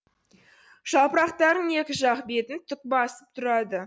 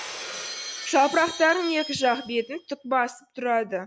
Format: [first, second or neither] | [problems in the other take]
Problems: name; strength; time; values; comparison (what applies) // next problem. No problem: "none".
first | background sound (Shatter); 13 dB below the speech